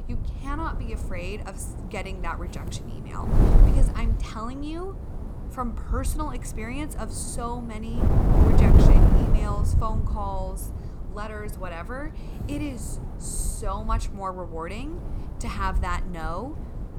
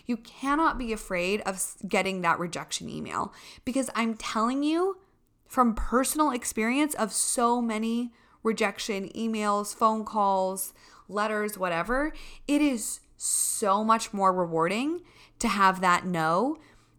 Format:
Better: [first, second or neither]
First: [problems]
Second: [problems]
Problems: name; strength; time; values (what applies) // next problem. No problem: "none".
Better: second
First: wind noise on the microphone; heavy; 2 dB below the speech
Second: none